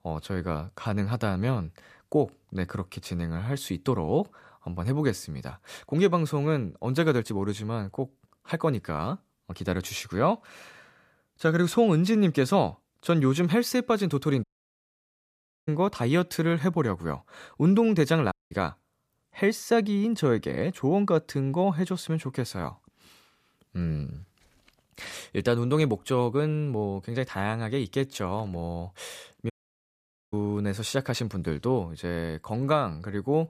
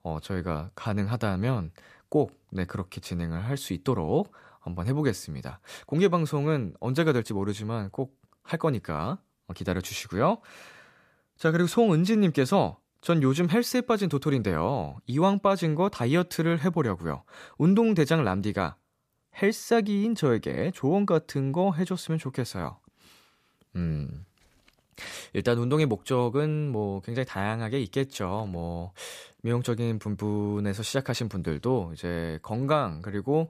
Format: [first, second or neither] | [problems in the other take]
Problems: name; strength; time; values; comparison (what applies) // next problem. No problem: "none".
second | audio cutting out; at 14 s for 1 s, at 18 s and at 30 s for 1 s